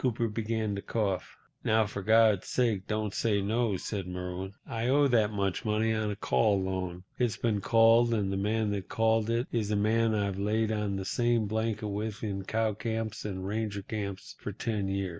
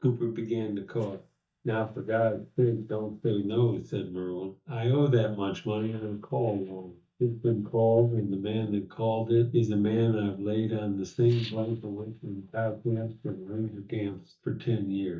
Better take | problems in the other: first | noise reduction (neural mask model DeepFilterNet 3)

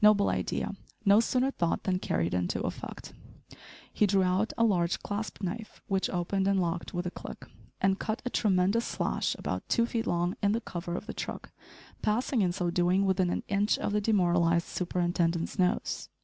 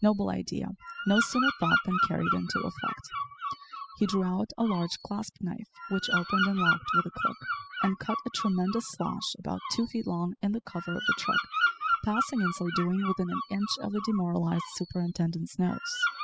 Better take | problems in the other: first | noise reduction (classical method spectral subtraction)

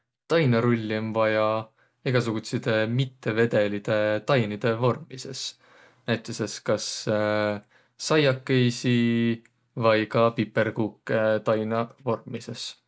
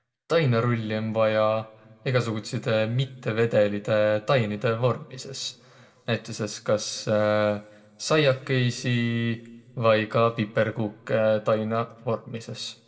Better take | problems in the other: first | room echo; dies away in 1 s

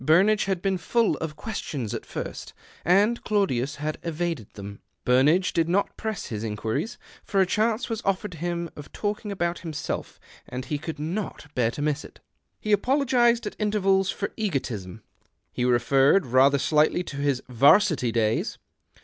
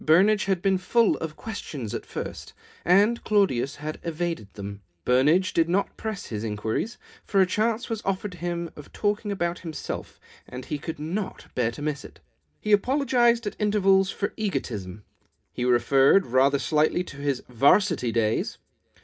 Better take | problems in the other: first | room echo; dies away in 0.3 s

